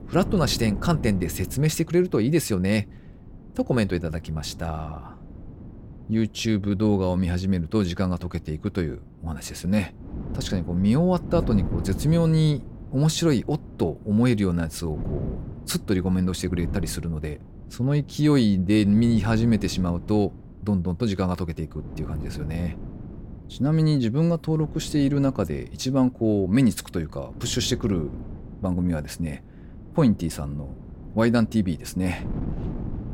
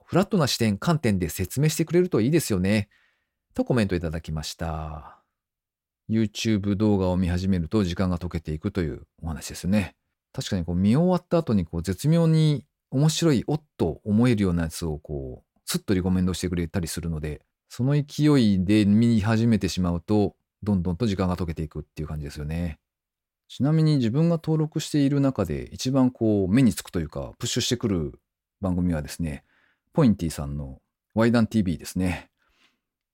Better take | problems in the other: second | wind noise on the microphone; occasional gusts; 15 dB below the speech

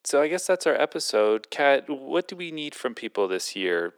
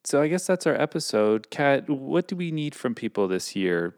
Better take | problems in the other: second | thin; somewhat; fading below 450 Hz

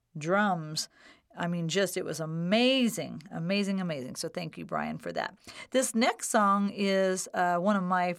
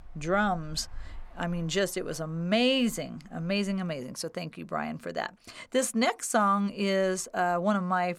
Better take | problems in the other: first | traffic noise; faint; throughout; 25 dB below the speech

